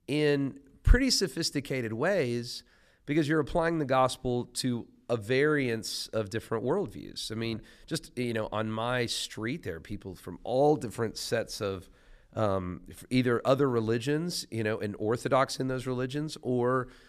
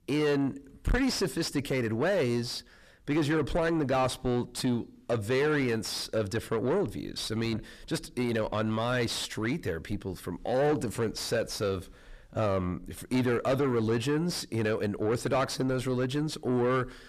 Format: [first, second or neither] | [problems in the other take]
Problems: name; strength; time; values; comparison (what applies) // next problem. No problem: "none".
first | distortion; heavy; 7 dB below the speech